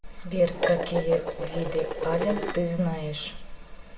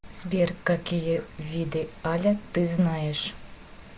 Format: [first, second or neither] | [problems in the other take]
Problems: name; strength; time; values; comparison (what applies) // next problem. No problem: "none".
second | background sound (Dishes, pots, and pans); 4 dB below the speech // room echo; dies away in 0.5 s